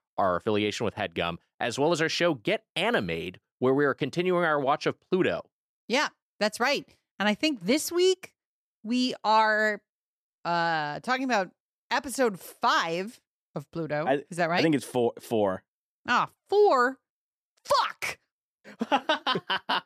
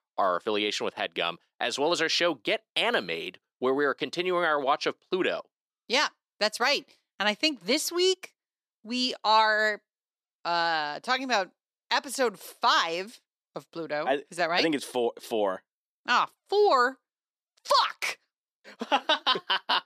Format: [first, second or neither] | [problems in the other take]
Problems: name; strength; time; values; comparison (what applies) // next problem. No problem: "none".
first | thin; very slightly; fading below 300 Hz